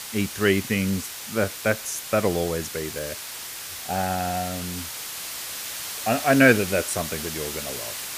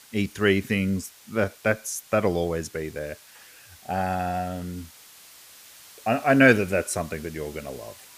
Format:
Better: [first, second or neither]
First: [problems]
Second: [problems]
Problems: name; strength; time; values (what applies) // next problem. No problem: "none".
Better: second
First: hiss; loud; throughout; 7 dB below the speech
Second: hiss; faint; throughout; 20 dB below the speech